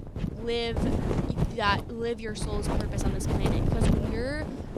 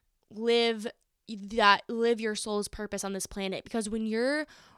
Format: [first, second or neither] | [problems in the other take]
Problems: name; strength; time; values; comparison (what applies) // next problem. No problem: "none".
second | wind noise on the microphone; heavy; 3 dB below the speech